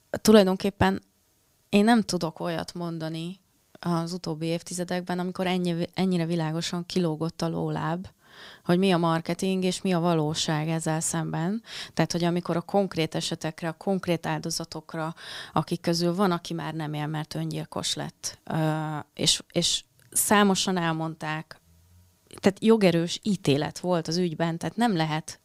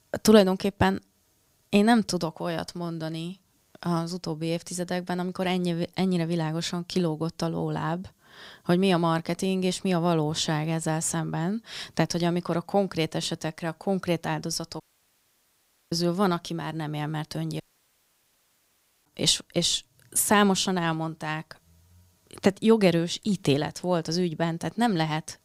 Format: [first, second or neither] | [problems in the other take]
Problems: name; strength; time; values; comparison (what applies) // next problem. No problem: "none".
first | audio cutting out; at 15 s for 1 s and at 18 s for 1.5 s